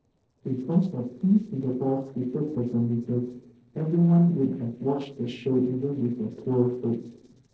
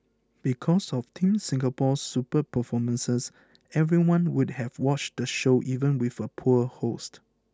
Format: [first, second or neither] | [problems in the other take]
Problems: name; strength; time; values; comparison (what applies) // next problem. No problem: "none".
second | noise reduction (neural separator model SepFormer DNS4)